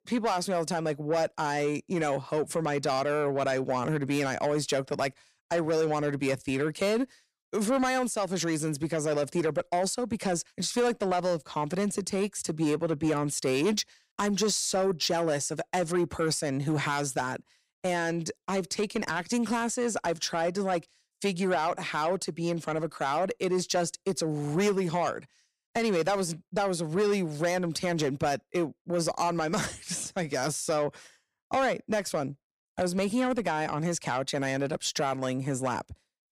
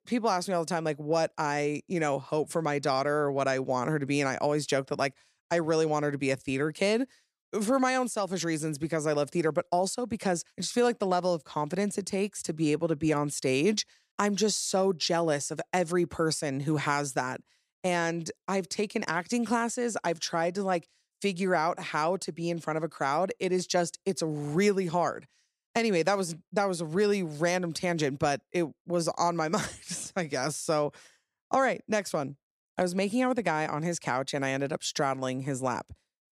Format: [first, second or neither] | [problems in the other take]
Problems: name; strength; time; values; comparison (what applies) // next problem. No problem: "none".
second | distortion; slight; 10 dB below the speech